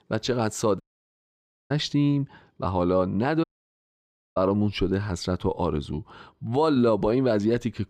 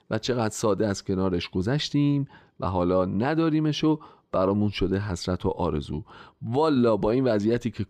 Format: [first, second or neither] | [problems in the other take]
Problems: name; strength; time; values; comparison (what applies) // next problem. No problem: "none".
second | audio cutting out; at 1 s for 1 s and at 3.5 s for 1 s